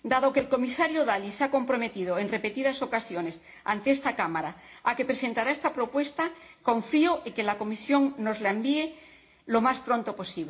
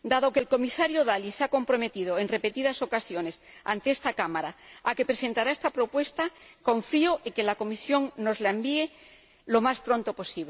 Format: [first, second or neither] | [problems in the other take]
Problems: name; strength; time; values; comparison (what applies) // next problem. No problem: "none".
second | room echo; dies away in 0.4 s